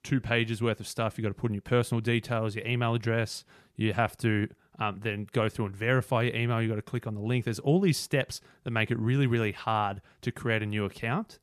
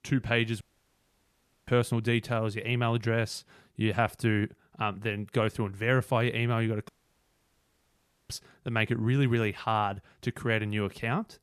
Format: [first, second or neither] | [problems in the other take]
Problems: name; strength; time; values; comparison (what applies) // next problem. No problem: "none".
first | audio cutting out; at 0.5 s for 1 s and at 7 s for 1.5 s